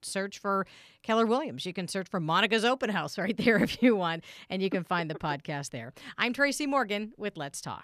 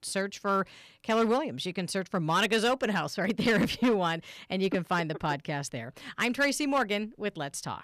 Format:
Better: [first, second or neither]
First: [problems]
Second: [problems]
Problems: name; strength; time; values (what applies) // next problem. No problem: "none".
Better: first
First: none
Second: distortion; slight; 4% of the sound clipped